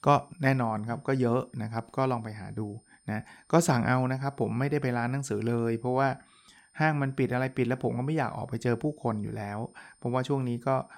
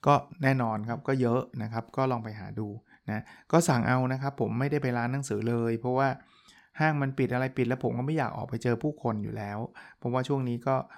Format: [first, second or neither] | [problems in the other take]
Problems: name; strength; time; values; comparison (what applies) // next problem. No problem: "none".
second | high-pitched whine; faint; throughout; 9 kHz, 30 dB below the speech